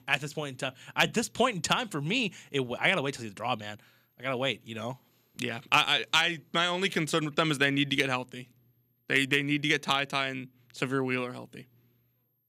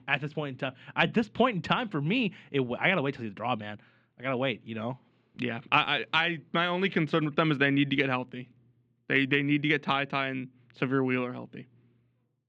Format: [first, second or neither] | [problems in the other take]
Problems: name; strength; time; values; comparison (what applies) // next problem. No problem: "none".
first | muffled; very; fading above 3 kHz